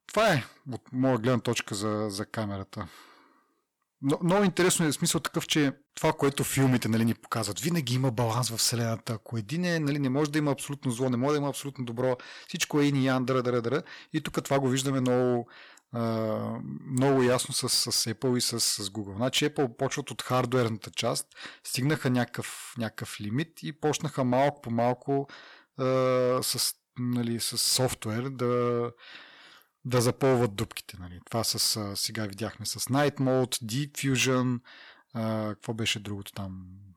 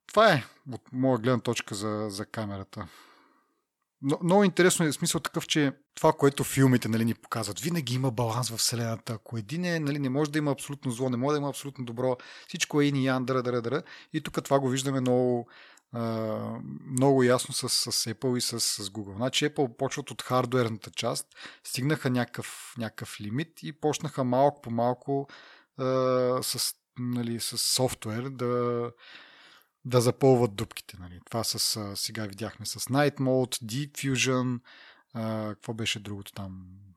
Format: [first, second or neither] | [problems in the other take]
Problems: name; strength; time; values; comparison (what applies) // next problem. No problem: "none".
second | distortion; slight; 5% of the sound clipped